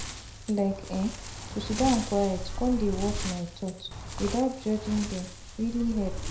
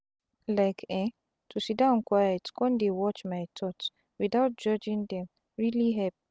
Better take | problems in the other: second | background sound (Wind); 7 dB below the speech // room echo; dies away in 0.4 s

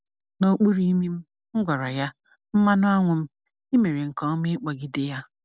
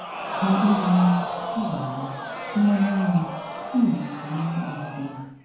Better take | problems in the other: first | background sound (Crowd); 7 dB below the speech // room echo; dies away in 0.9 s

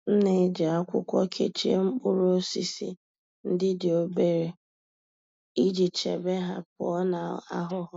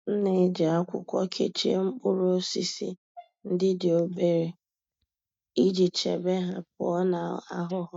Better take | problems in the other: first | noise reduction (neural mask model DeepFilterNet 3)

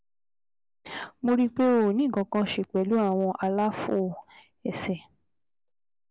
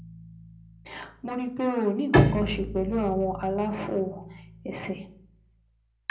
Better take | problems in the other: first | background sound (Bowed string instrument); as loud as the speech // room echo; dies away in 0.4 s

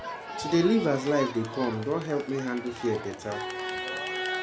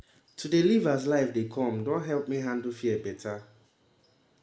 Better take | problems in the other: second | background sound (Crowd); 7 dB below the speech

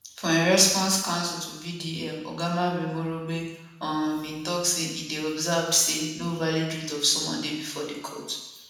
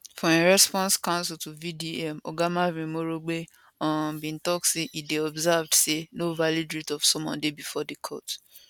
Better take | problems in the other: second | room echo; dies away in 1 s

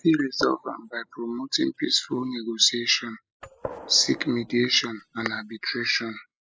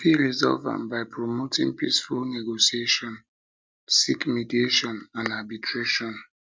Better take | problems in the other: second | noise reduction (classical method spectral subtraction)

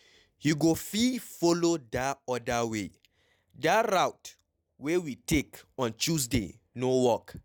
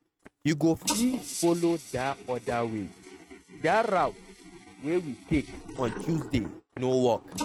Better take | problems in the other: first | noise reduction (neural mask model RNNoise)

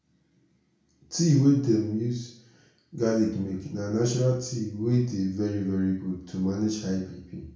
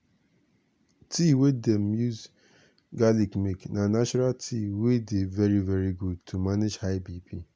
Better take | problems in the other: second | room echo; dies away in 0.5 s

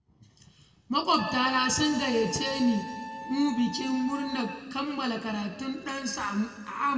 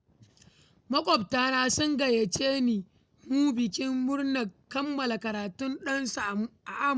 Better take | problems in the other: second | background sound (Trumpet); 11 dB below the speech // room echo; dies away in 1.9 s

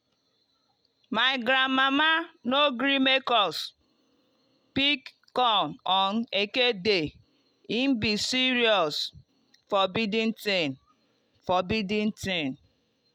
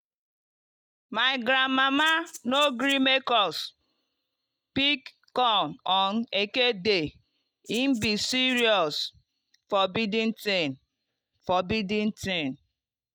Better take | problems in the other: first | noise reduction (neural mask model DeepFilterNet 3)

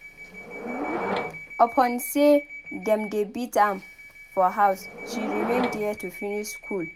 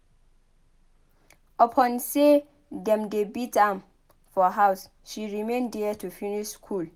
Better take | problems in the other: second | background sound (Subway, metro, underground / Door); 9 dB below the speech

